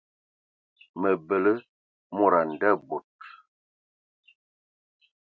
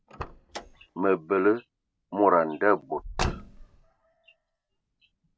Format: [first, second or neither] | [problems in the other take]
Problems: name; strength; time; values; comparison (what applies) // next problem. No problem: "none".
first | background sound (Car); 11 dB below the speech